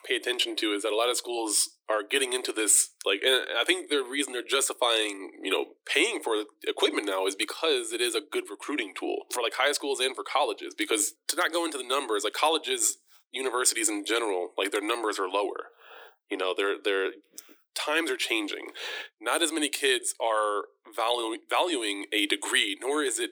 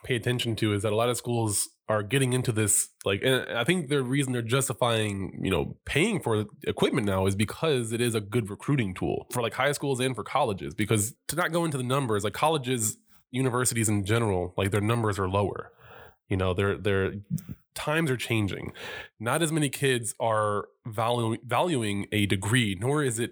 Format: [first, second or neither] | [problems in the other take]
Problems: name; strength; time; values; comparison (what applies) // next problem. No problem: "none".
second | thin; very; fading below 300 Hz